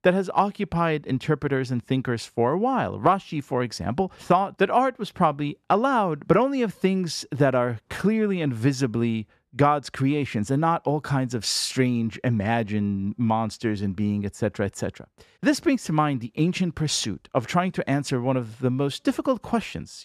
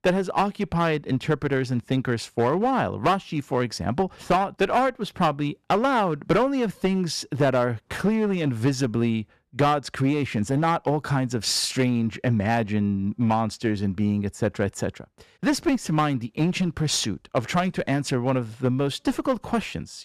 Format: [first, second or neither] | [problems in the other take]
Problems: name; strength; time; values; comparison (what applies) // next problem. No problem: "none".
first | distortion; slight; 8% of the sound clipped